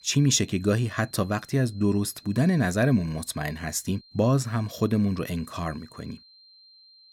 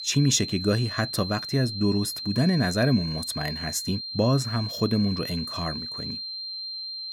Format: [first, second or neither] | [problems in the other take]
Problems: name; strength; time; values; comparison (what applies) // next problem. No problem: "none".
first | high-pitched whine; loud; throughout; 4 kHz, 6 dB below the speech; faint in the first